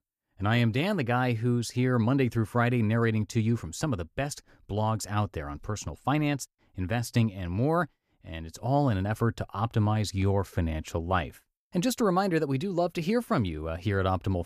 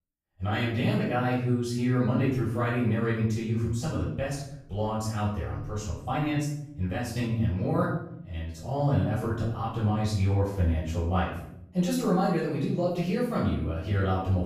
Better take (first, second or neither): first